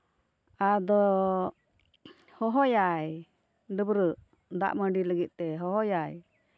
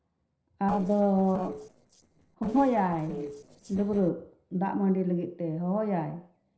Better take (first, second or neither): first